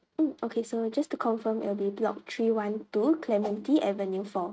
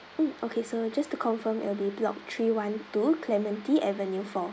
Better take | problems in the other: second | noise reduction (neural mask model RNNoise)

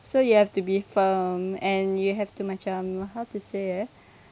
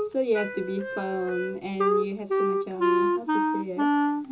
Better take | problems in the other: first | background sound (Wind instrument, woodwind instrument); 4 dB above the speech // room echo; dies away in 0.2 s

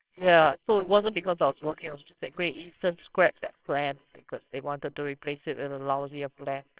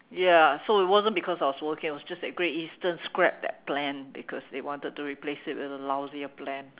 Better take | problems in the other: second | noise reduction (neural separator model SepFormer WHAMR!)

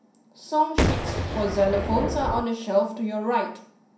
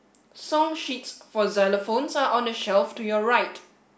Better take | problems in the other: second | background sound (Boom); as loud as the speech // room echo; dies away in 0.6 s

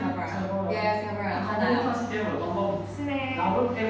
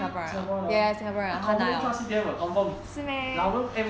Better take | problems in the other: second | room echo; dies away in 0.9 s

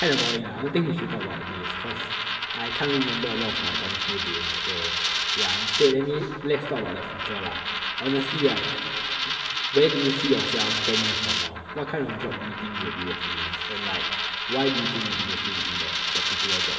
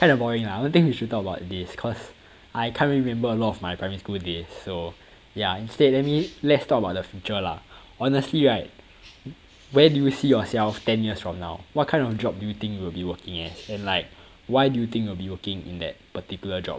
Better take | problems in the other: second | background sound (Coin (dropping)); as loud as the speech // room echo; dies away in 2.9 s

